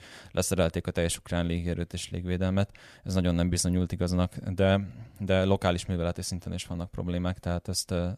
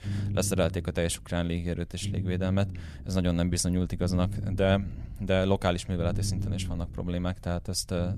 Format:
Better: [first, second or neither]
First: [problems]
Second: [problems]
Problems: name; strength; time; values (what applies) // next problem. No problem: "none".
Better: first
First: none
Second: low rumble; noticeable; throughout; 15 dB below the speech